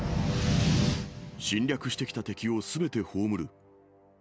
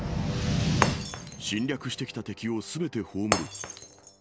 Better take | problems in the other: first | background sound (Shatter); 5 dB below the speech

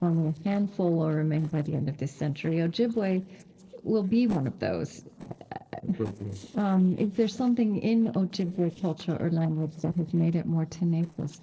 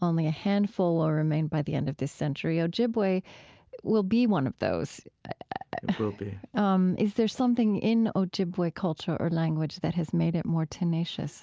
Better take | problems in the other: second | noise reduction (neural separator model SepFormer DNS4)

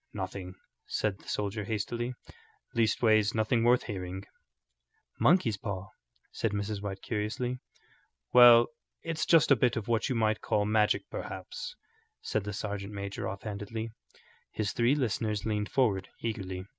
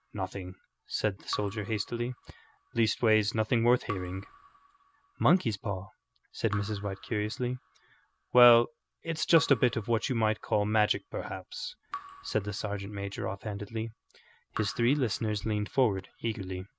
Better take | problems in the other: first | background sound (Raindrop / Drip); 19 dB below the speech

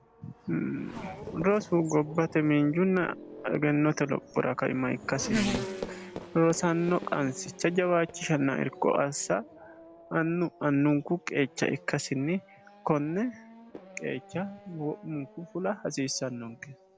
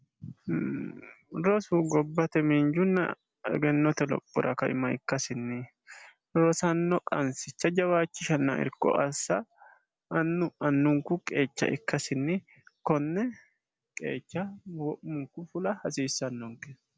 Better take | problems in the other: second | background sound (Race car, auto racing / Accelerating, revving, vroom); 13 dB below the speech

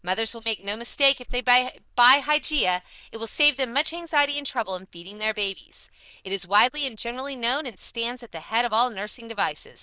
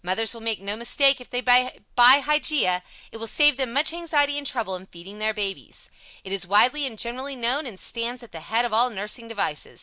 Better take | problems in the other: second | noise reduction (neural diffusion model UNIVERSE++)

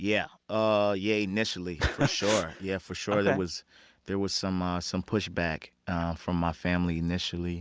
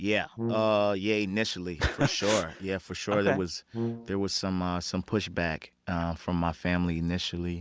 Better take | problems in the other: first | background sound (Brass instrument); 7 dB below the speech

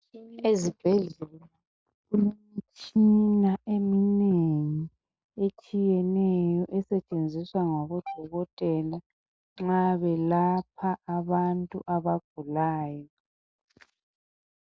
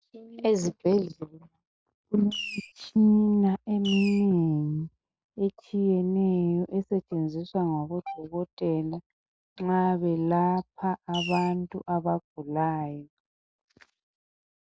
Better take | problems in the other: first | background sound (Fireworks); 8 dB below the speech

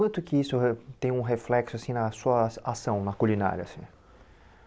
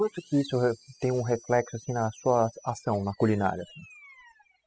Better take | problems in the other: first | noise reduction (classical method spectral subtraction)

